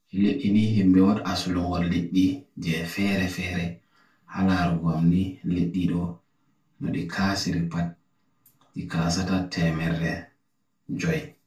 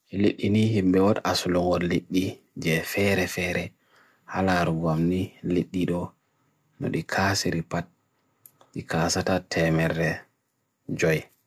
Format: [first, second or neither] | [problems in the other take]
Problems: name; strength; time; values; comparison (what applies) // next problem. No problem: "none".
second | room echo; dies away in 0.2 s